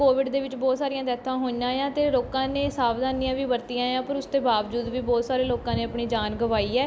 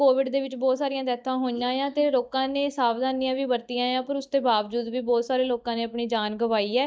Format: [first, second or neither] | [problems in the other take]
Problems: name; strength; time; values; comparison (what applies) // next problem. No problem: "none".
first | noise reduction (neural mask model DeepFilterNet 3)